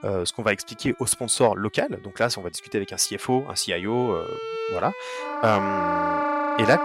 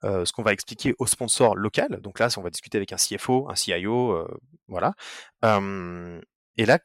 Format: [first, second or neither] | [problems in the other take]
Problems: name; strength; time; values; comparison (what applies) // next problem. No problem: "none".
second | background music; loud; throughout; 2 dB below the speech